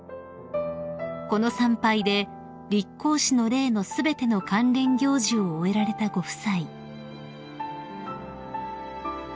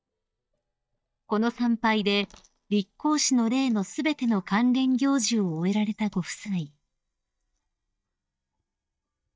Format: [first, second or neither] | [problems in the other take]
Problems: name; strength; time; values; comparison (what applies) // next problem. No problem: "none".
first | noise reduction (neural mask model DeepFilterNet 3)